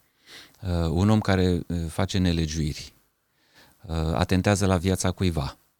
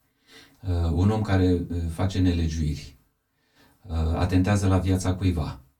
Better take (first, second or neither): first